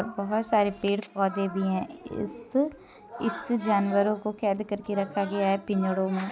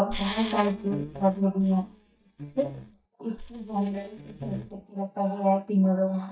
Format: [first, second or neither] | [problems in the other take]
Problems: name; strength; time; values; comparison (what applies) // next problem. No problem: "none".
first | noise reduction (neural mask model DeepFilterNet 3)